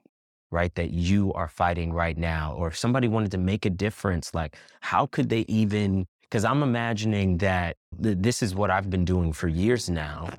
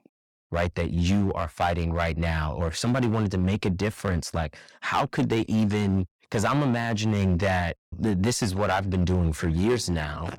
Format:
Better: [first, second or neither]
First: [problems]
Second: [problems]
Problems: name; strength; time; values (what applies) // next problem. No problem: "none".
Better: first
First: none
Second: distortion; slight; 7% of the sound clipped